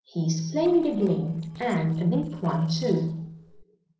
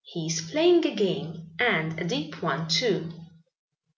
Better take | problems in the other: second | noise reduction (neural separator model SepFormer DNS4)

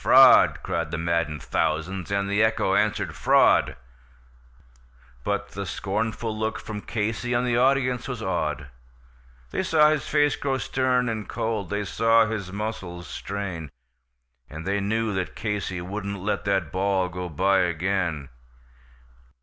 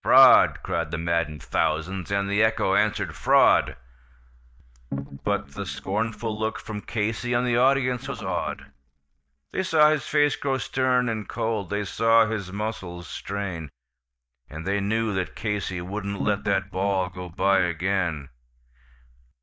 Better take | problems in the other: first | noise reduction (neural mask model DeepFilterNet 3)

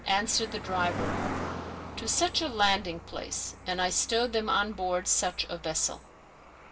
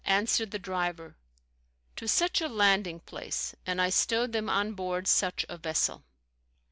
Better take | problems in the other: second | background sound (Cricket); 9 dB below the speech // room echo; dies away in 0.2 s

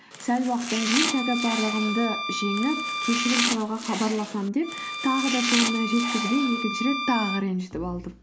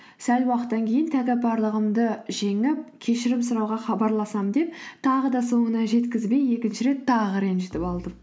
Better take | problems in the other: second | background sound (Domestic sounds, home sounds + Bowed string instrument); 3 dB below the speech

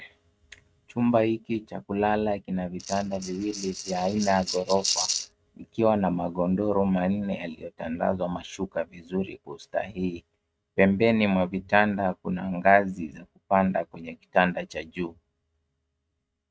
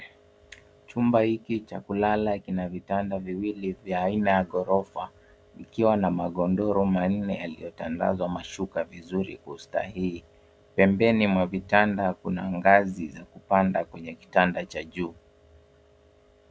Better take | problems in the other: second | noise reduction (neural mask model RNNoise)

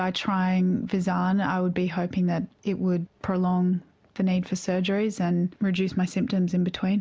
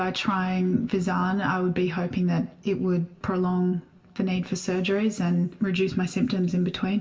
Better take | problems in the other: first | room echo; dies away in 0.8 s

